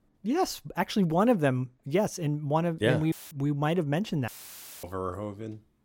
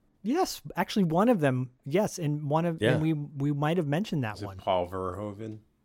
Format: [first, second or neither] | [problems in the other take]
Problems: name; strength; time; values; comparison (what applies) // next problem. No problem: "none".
second | audio cutting out; filled with static; at 3 s and at 4.5 s for 0.5 s